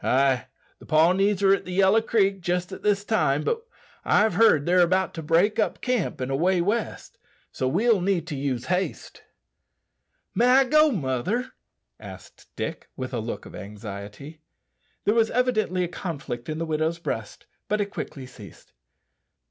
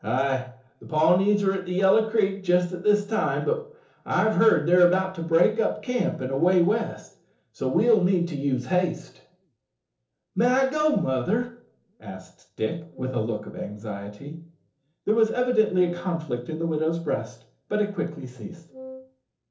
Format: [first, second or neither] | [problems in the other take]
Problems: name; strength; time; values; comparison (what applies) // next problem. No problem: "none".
first | noise reduction (neural separator model SepFormer DNS4)